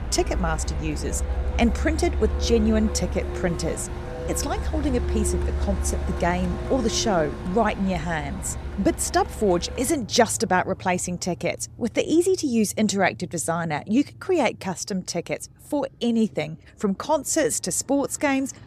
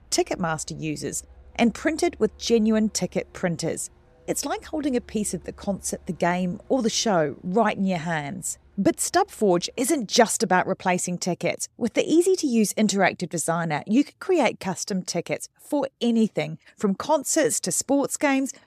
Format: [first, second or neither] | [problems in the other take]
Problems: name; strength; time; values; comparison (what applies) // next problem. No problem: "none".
second | traffic noise; loud; throughout; 6 dB below the speech; faint in the second